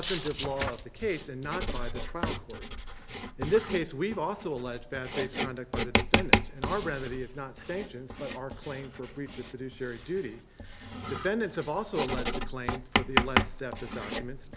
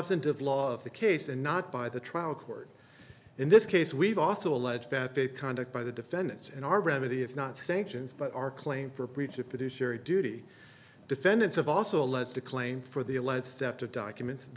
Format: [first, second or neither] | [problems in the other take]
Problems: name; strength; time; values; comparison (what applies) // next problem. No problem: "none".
second | background sound (Writing); 2 dB above the speech